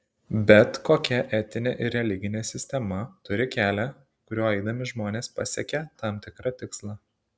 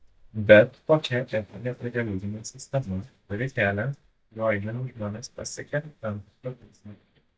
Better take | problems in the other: first | noise reduction (neural mask model DeepFilterNet 3)

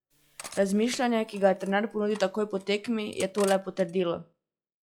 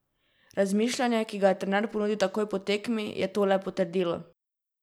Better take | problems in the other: second | noise reduction (classical method log-MMSE)

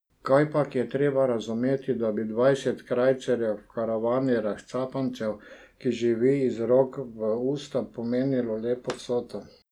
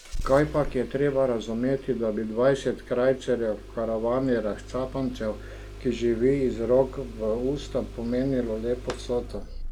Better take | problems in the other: first | background sound (Engine starting); 12 dB below the speech

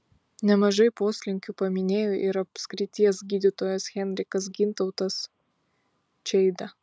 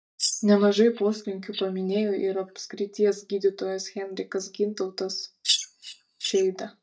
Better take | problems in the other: first | noise reduction (neural mask model DeepFilterNet 3)

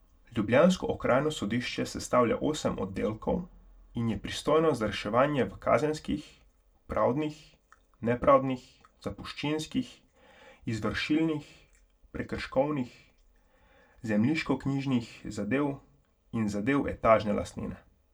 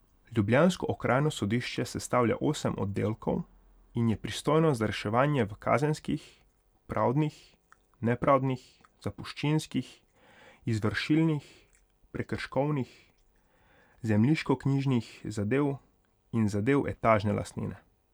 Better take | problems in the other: second | room echo; dies away in 0.2 s

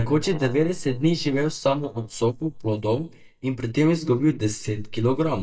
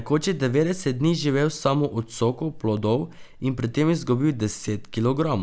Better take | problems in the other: second | noise reduction (neural mask model DeepFilterNet 3)

